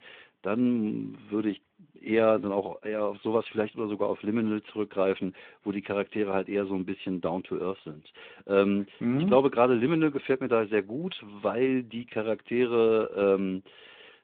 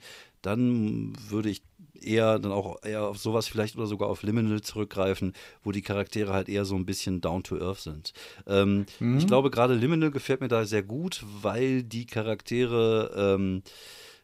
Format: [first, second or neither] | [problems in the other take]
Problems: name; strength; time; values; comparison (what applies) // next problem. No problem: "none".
second | phone-call audio; nothing above 3.5 kHz